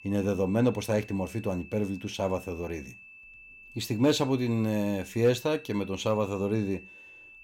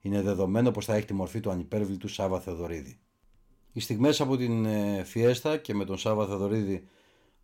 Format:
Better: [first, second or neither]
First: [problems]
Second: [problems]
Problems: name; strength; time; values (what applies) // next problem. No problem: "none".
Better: second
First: high-pitched whine; noticeable; throughout; 2.5 kHz, 20 dB below the speech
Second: none